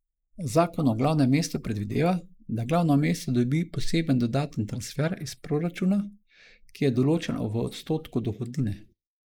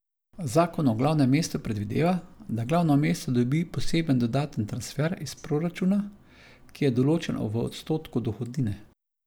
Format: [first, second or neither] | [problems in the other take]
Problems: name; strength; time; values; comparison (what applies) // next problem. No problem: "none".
second | noise reduction (neural mask model Resemble Enhance denoiser)